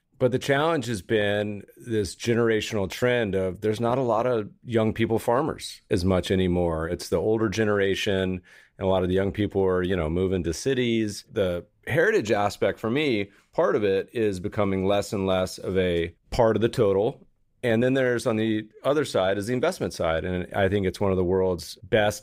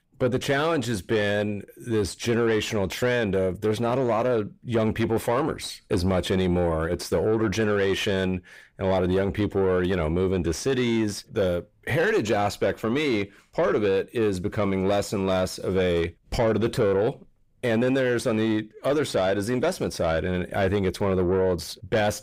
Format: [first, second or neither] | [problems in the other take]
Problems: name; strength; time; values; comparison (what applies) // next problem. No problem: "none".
first | distortion; slight; 10 dB below the speech